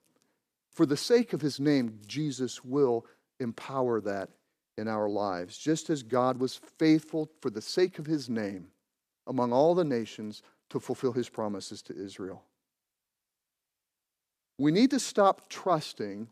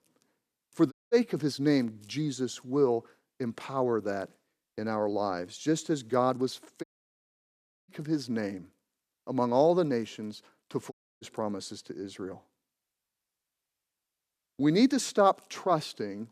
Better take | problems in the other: first | audio cutting out; at 1 s, at 7 s for 1 s and at 11 s

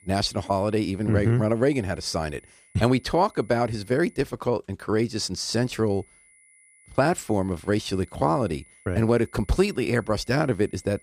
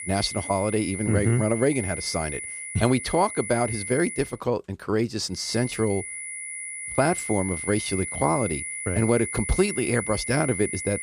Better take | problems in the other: first | high-pitched whine; loud; until 4.5 s and from 5.5 s on; 2 kHz, 6 dB below the speech; faint in the first

